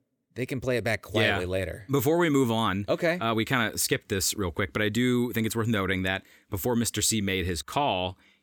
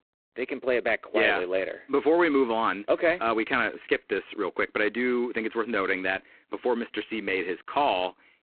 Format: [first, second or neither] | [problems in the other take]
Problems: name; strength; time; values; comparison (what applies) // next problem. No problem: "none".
first | phone-call audio; poor line; nothing above 3.5 kHz